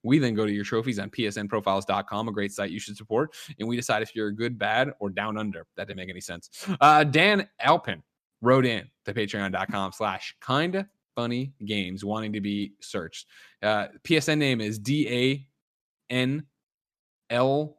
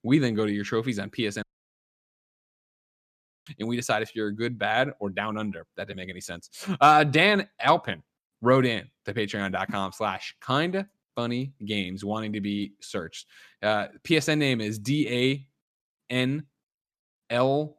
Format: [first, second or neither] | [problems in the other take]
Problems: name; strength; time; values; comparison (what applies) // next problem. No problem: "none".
first | audio cutting out; at 1.5 s for 2 s